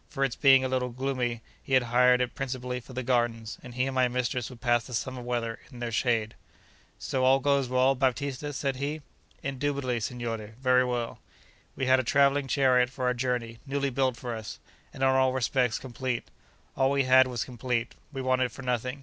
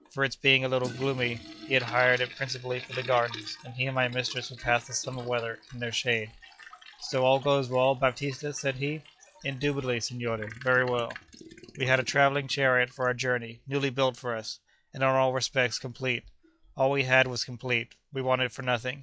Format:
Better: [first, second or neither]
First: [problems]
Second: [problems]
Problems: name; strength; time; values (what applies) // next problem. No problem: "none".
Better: first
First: none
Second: noise reduction (classical method log-MMSE)